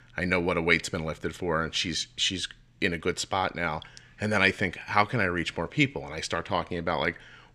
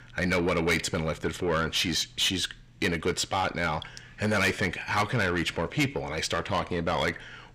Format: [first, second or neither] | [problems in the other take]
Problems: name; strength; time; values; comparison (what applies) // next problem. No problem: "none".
first | distortion; heavy; 7 dB below the speech